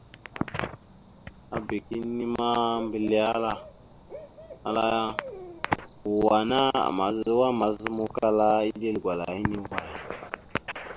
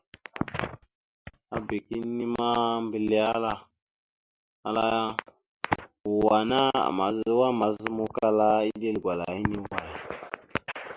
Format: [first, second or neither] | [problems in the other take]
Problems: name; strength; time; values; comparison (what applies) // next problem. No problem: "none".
second | background sound (Cricket / Bird); 19 dB below the speech